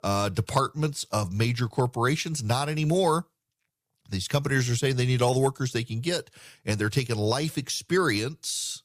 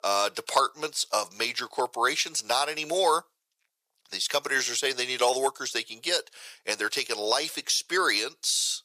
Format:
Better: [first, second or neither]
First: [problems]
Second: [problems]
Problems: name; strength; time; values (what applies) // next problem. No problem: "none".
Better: first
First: none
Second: thin; very; fading below 500 Hz